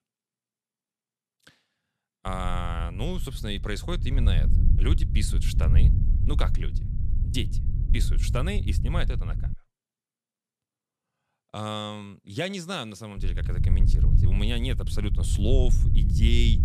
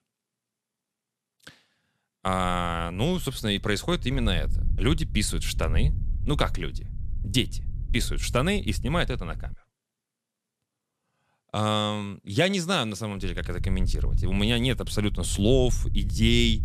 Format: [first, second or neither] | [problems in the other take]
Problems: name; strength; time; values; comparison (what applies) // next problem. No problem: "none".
second | low rumble; loud; from 2.5 to 9.5 s and from 13 s on; 8 dB below the speech; faint in the second